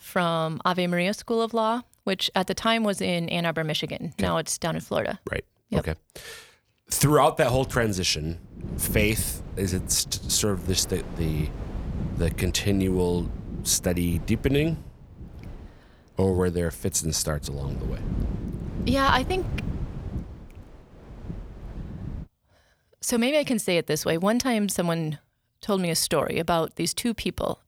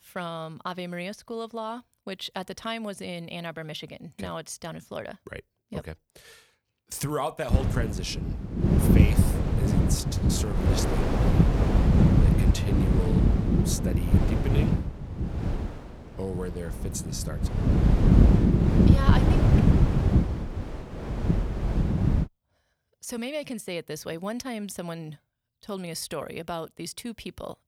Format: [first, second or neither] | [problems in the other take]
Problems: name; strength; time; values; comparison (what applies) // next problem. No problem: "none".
first | wind noise on the microphone; heavy; from 7.5 to 22 s; 3 dB above the speech; occasional gusts in the first